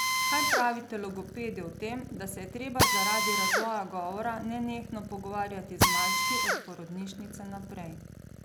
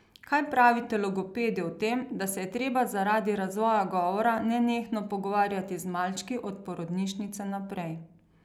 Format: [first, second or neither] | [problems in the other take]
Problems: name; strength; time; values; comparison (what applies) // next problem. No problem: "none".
second | background sound (Drill); 4 dB above the speech